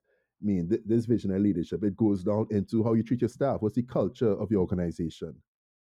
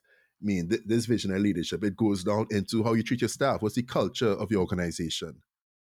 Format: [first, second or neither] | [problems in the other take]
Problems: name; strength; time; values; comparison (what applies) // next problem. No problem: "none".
second | muffled; slightly; fading above 1 kHz